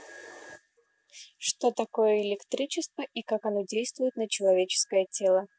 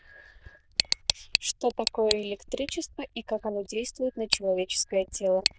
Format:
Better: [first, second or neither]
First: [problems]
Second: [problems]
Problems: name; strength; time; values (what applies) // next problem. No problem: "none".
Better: first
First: none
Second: noise reduction (neural diffusion model UNIVERSE++)